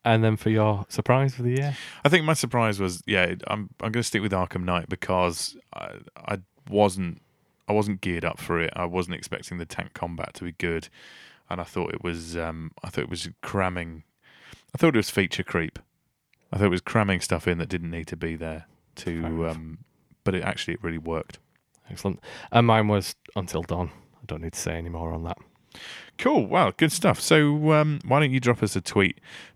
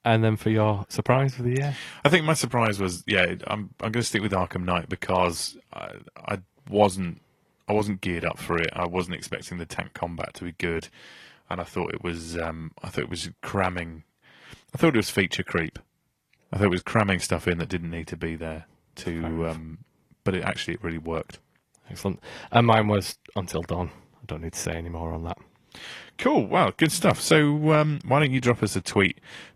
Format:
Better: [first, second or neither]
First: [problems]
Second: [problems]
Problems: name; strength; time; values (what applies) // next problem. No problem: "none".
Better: first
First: none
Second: garbled, watery; slightly